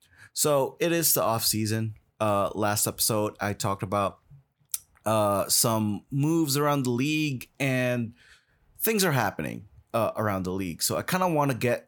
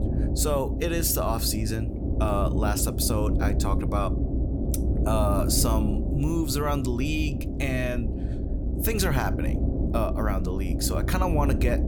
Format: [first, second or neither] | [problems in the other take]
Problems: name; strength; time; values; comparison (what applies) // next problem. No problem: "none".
first | low rumble; loud; throughout; 7 dB below the speech